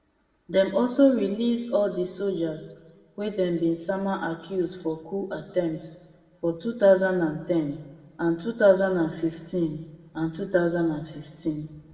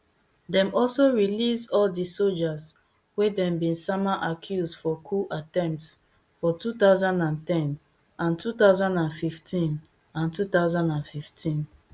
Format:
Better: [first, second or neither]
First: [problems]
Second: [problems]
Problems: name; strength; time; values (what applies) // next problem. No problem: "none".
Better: second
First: room echo; dies away in 1.2 s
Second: none